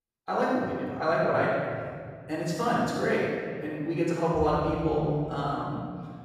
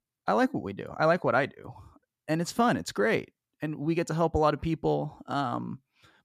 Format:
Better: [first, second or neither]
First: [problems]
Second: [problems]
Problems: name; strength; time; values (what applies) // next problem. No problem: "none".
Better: second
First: off-mic speech; far // room echo; strong; dies away in 1.9 s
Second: none